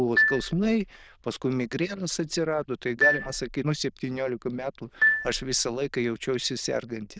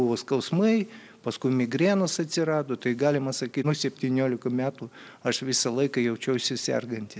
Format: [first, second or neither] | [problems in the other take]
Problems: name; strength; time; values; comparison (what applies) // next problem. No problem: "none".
second | noise reduction (neural diffusion model UNIVERSE++)